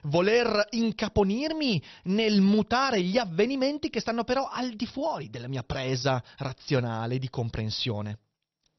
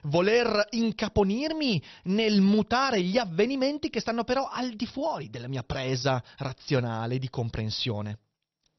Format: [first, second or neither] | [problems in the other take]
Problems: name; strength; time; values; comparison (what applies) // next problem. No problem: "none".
neither | garbled, watery; slightly; nothing above 6 kHz; the same in both